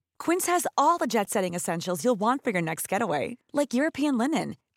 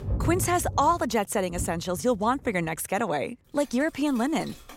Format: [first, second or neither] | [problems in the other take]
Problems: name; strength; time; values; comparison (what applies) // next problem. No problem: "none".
first | rain or running water; loud; throughout; 10 dB below the speech